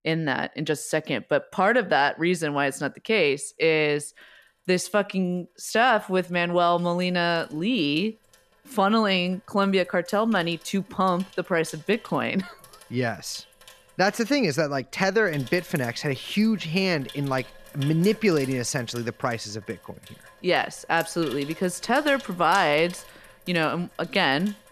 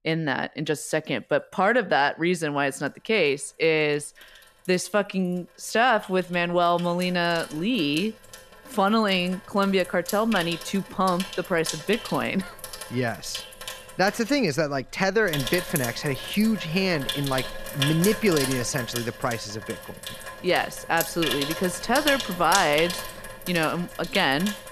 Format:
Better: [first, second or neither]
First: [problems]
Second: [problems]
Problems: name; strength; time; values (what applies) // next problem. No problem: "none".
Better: first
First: household noises; faint; throughout; 20 dB below the speech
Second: household noises; loud; throughout; 8 dB below the speech